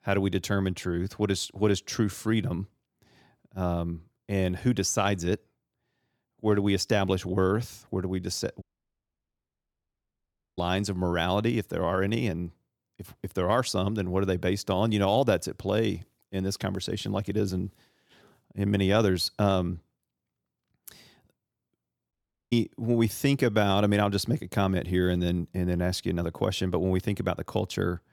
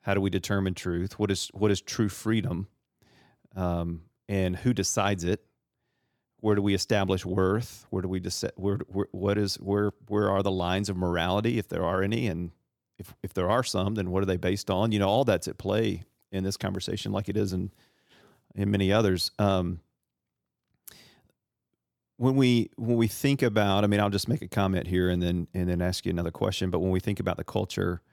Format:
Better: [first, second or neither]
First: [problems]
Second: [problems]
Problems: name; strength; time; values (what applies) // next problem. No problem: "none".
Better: second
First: audio cutting out; at 8.5 s for 2 s and at 22 s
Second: none